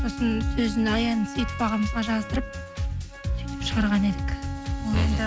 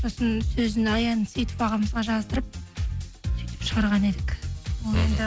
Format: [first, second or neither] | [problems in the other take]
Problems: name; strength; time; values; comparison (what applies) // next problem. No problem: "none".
second | background sound (Wind instrument, woodwind instrument); 12 dB below the speech